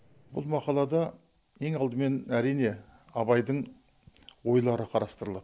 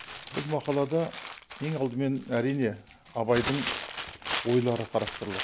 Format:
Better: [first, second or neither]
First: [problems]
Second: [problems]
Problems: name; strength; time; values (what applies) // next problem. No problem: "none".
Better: first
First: none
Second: background sound (Crumpling, crinkling); 9 dB below the speech